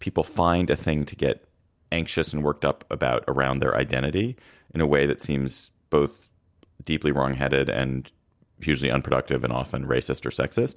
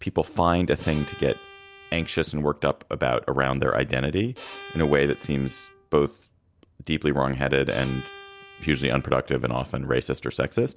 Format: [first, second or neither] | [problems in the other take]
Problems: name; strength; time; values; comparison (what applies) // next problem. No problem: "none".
first | background sound (Bowed string instrument); 19 dB below the speech